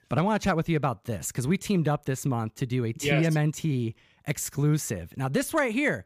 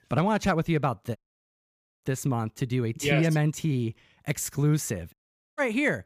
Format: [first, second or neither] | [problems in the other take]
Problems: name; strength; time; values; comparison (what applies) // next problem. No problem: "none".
first | audio cutting out; at 1 s for 1 s and at 5 s